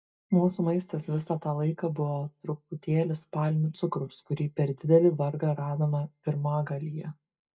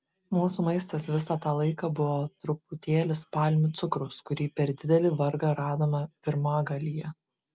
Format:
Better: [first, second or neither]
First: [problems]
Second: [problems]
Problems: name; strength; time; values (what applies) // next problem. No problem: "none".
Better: second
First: noise reduction (neural mask model DeepFilterNet 3)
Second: none